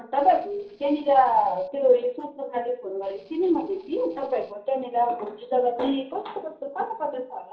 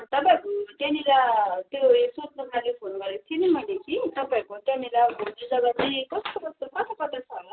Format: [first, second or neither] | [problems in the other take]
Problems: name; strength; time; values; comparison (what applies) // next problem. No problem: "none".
second | noise reduction (neural separator model SepFormer DNS4)